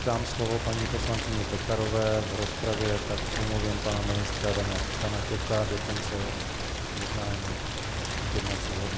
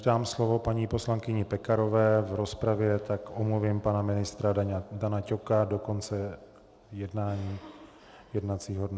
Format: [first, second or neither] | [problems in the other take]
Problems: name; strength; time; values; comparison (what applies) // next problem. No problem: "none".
second | background sound (Rain); as loud as the speech